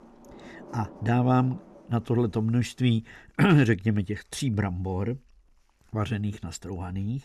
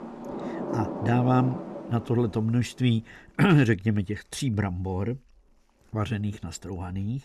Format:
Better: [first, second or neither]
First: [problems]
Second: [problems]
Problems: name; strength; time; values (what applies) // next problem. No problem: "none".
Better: first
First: rain or running water; faint; throughout; 20 dB below the speech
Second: rain or running water; loud; throughout; 8 dB below the speech